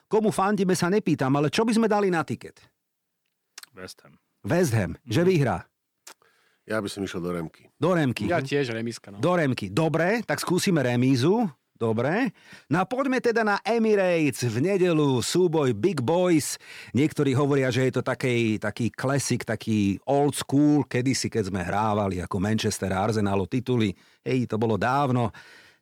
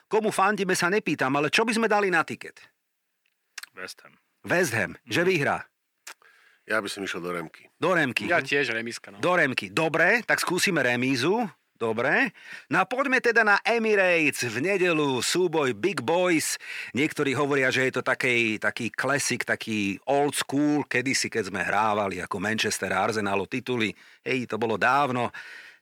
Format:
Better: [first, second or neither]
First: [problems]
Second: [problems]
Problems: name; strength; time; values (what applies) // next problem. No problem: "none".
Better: first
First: none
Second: thin; somewhat; fading below 450 Hz